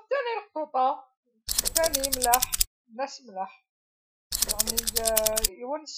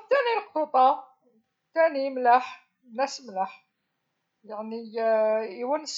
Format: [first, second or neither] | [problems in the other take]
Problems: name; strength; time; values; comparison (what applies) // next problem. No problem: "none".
second | noise reduction (classical method Wiener filter)